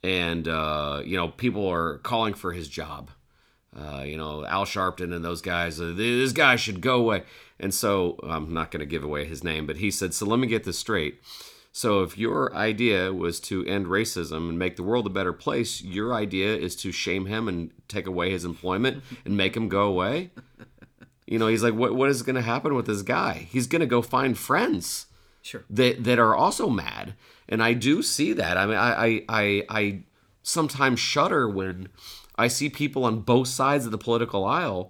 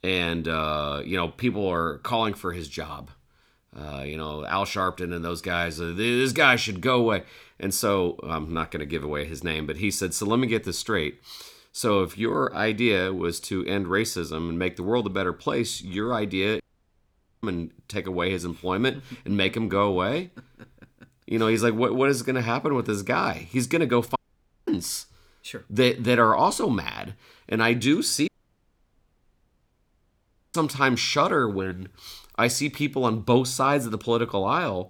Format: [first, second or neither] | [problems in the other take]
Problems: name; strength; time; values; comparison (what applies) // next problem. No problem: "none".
first | audio cutting out; at 17 s for 1 s, at 24 s for 0.5 s and at 28 s for 2.5 s